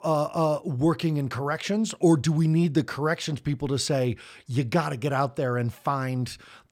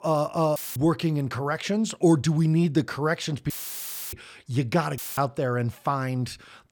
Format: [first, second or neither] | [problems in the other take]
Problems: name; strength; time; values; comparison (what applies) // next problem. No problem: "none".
first | audio cutting out; filled with static; at 0.5 s, at 3.5 s for 0.5 s and at 5 s